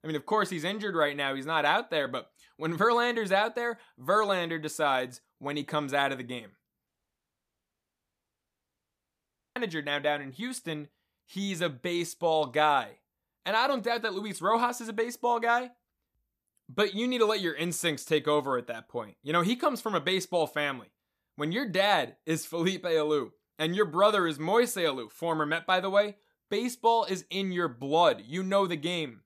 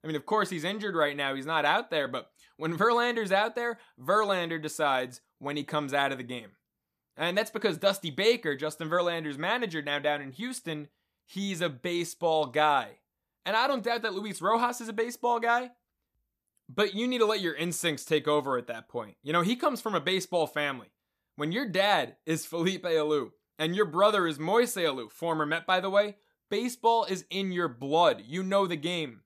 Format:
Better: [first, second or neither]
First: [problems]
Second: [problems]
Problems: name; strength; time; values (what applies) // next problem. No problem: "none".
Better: second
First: audio cutting out; at 7 s for 2.5 s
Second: none